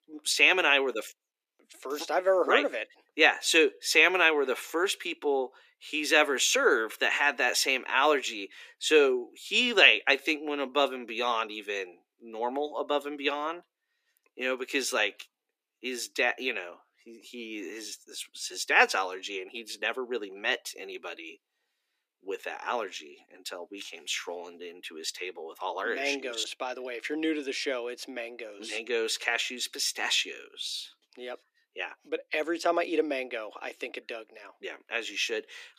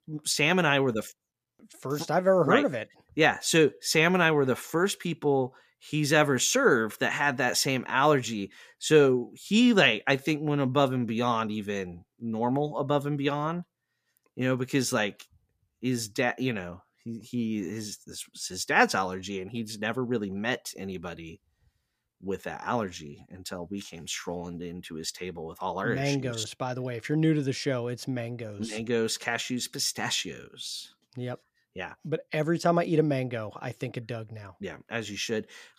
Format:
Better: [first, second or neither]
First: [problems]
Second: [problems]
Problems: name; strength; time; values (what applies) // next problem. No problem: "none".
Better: second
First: thin; somewhat; fading below 300 Hz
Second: none